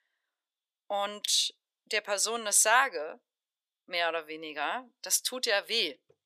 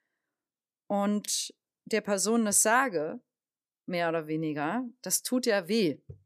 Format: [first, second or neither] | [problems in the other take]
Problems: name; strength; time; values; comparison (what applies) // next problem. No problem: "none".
second | thin; very; fading below 750 Hz